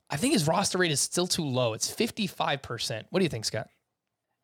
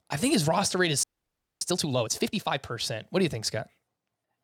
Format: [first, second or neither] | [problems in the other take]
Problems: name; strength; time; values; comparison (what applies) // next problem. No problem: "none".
first | audio freezing; at 1 s for 0.5 s